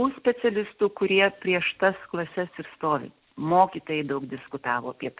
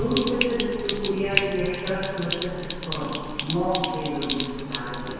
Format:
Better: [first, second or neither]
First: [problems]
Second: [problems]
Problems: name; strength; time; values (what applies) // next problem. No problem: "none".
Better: first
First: none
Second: background sound (Sink (filling or washing)); 4 dB below the speech // room echo; dies away in 2 s